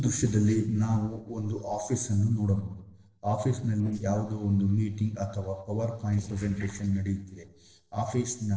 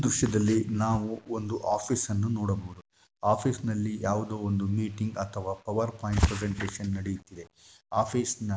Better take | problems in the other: second | noise reduction (neural separator model SepFormer DNS4)

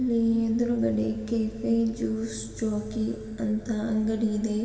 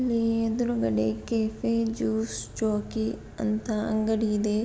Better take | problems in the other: second | room echo; dies away in 2.5 s

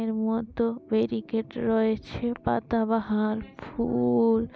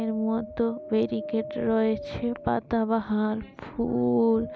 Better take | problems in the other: first | background sound (Wind); 14 dB below the speech

